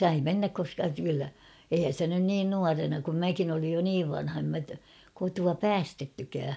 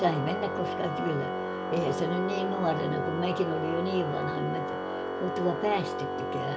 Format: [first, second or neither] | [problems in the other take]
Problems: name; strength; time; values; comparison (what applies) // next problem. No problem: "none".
first | background sound (Organ); 1 dB below the speech // room echo; dies away in 0.2 s